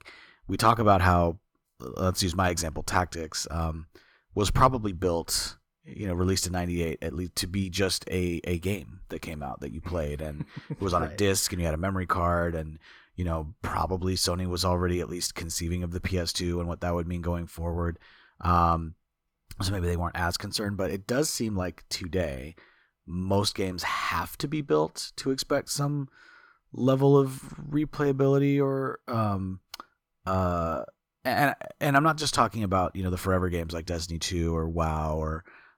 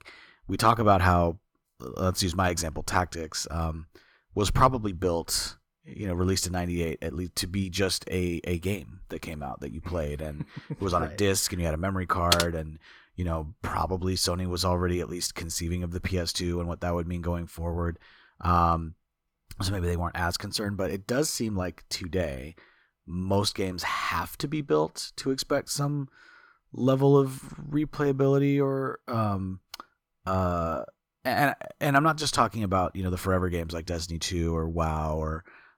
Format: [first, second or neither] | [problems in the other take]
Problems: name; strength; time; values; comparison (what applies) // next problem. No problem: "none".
first | keyboard typing; loud; at 12 s; peak 2 dB above the speech